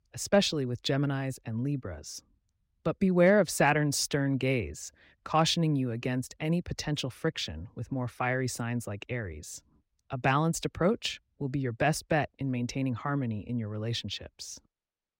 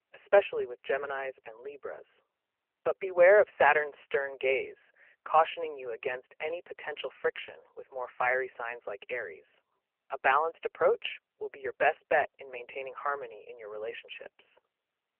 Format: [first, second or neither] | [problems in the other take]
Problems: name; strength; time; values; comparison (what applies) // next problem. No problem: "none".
first | phone-call audio; poor line; nothing above 3 kHz